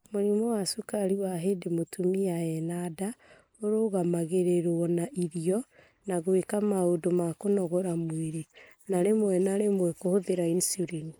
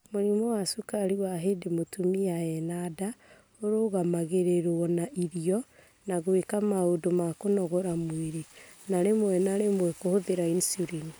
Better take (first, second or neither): second